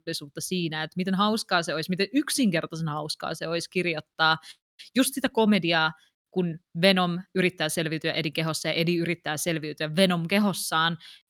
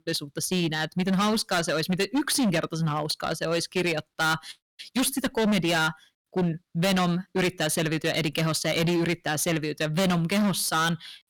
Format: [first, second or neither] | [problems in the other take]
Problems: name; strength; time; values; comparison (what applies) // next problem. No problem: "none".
first | distortion; heavy; 16% of the sound clipped